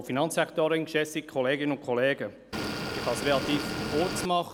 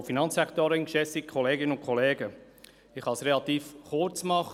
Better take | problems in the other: second | background sound (Motor vehicle (road) / Engine); 4 dB below the speech

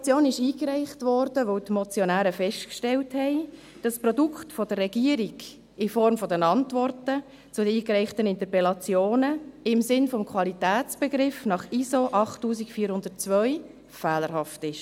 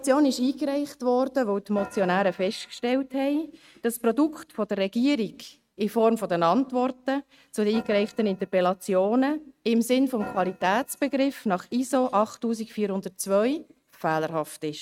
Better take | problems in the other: first | noise reduction (neural mask model RNNoise)

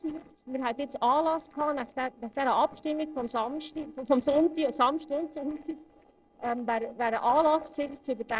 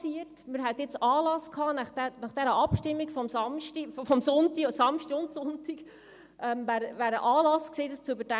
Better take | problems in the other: second | noise reduction (neural separator model SepFormer DNS4)

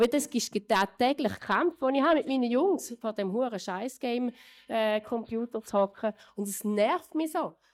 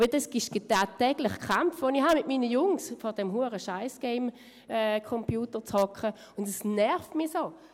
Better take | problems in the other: second | noise reduction (neural mask model DeepFilterNet 3)

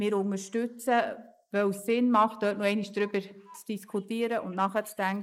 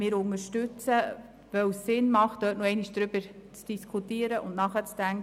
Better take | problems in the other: second | noise reduction (neural mask model Resemble Enhance denoiser)

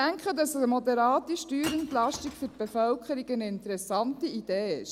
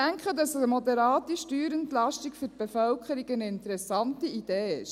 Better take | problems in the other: second | background sound (Shatter / Crushing); 18 dB below the speech

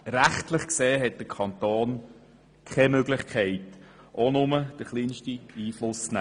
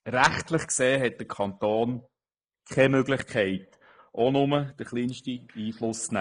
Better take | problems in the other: first | noise reduction (neural mask model Resemble Enhance denoiser)

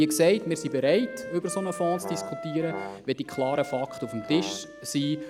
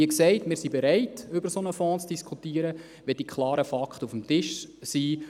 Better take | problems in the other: second | background sound (Wind instrument, woodwind instrument + Brass instrument); 12 dB below the speech

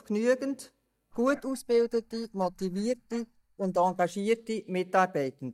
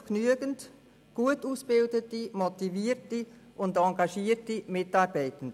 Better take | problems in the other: second | noise reduction (neural mask model DeepFilterNet 3)

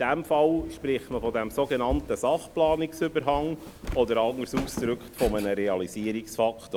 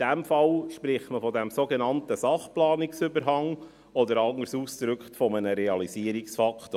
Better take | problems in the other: second | background sound (Walk, footsteps); 13 dB below the speech

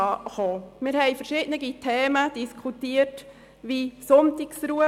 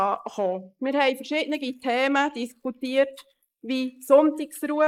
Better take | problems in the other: first | noise reduction (neural mask model Resemble Enhance denoiser)

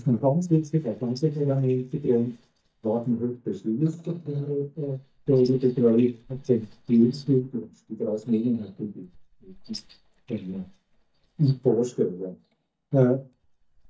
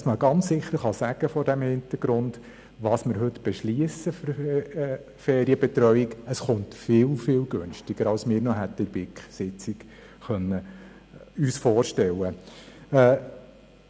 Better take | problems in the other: second | noise reduction (neural mask model DeepFilterNet 3)

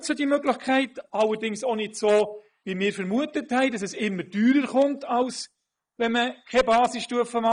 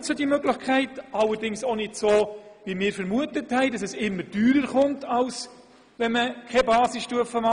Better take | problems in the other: second | noise reduction (neural mask model Resemble Enhance denoiser)

